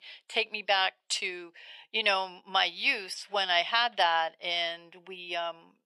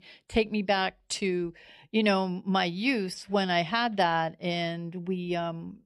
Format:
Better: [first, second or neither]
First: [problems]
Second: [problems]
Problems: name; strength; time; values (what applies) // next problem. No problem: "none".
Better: second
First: thin; very; fading below 800 Hz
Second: none